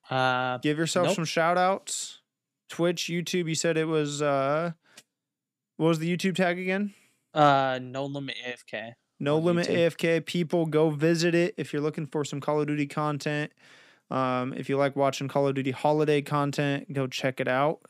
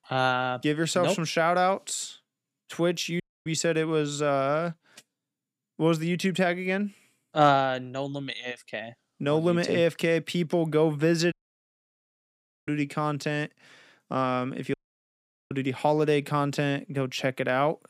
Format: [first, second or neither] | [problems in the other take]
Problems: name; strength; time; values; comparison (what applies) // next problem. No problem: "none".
first | audio cutting out; at 3 s, at 11 s for 1.5 s and at 15 s for 1 s